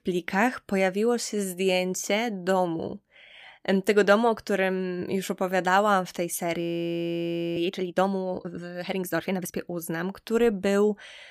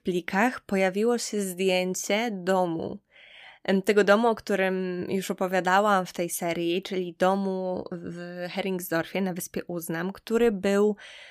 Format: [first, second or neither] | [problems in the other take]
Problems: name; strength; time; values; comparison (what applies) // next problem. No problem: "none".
second | audio freezing; at 6.5 s for 1 s